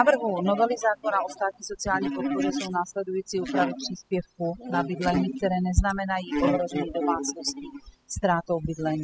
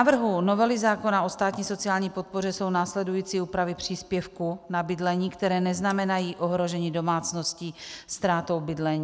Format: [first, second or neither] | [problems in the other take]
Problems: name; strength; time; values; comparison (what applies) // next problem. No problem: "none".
second | noise reduction (classical method spectral subtraction)